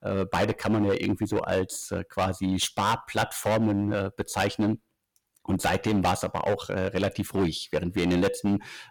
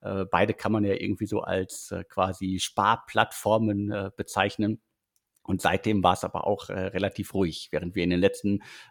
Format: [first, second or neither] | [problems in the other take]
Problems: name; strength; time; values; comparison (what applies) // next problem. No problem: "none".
second | distortion; heavy; 10% of the sound clipped